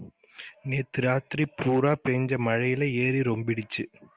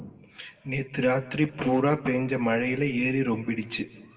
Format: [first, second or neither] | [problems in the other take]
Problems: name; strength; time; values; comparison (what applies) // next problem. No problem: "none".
first | room echo; dies away in 1 s